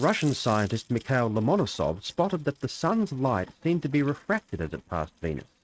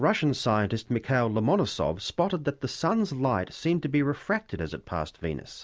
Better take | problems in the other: second | noise reduction (neural mask model RNNoise)

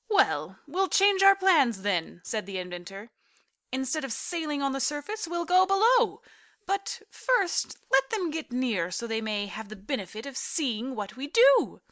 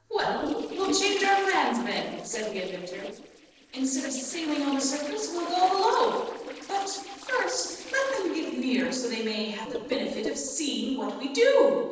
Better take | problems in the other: first | noise reduction (neural separator model SepFormer DNS4)

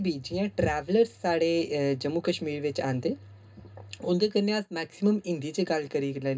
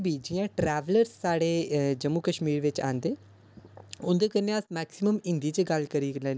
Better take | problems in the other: second | room echo; dies away in 0.2 s

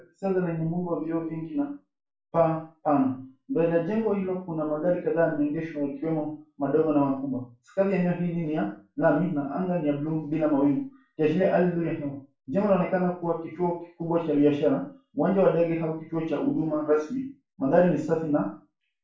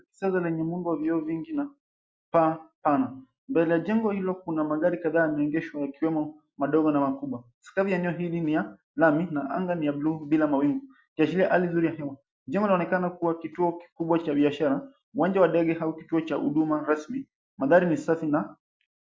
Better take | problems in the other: second | room echo; dies away in 0.3 s

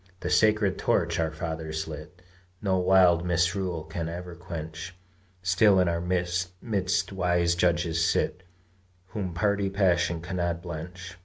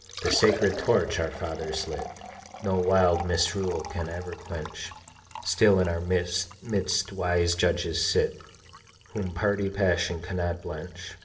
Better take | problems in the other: first | background sound (Liquid); 13 dB below the speech // room echo; dies away in 0.5 s

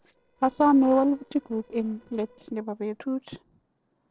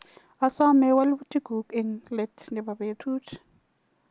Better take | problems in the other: second | noise reduction (neural separator model SepFormer DNS4)

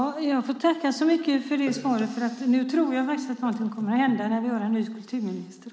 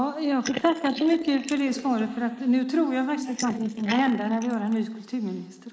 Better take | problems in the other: first | noise reduction (neural mask model Resemble Enhance denoiser)

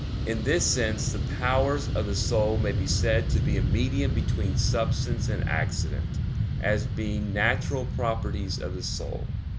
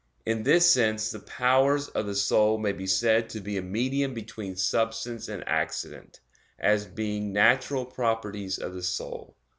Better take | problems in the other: second | background sound (Fixed-wing aircraft, airplane); 3 dB above the speech

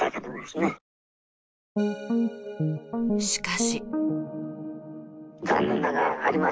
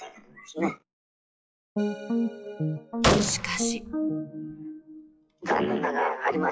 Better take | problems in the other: first | noise reduction (classical method log-MMSE)

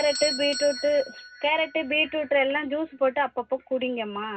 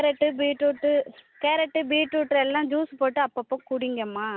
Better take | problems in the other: second | background sound (Bell / Doorbell); 12 dB below the speech // room echo; dies away in 0.2 s

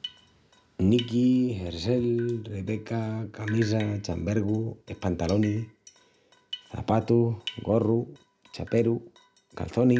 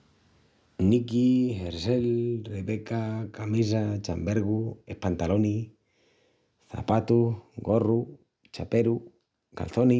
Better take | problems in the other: second | background sound (Drip); 20 dB below the speech

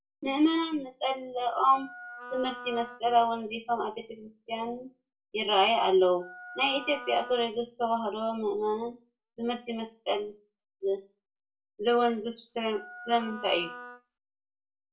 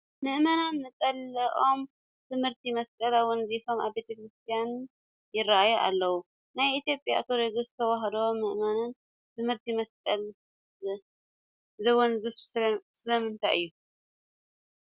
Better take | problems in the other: second | background sound (Wind instrument, woodwind instrument); 14 dB below the speech // room echo; dies away in 0.2 s

